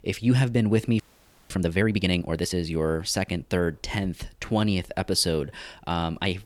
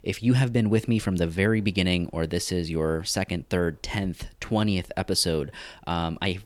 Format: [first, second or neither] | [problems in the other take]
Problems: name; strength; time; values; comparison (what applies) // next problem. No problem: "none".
second | audio freezing; at 1 s for 0.5 s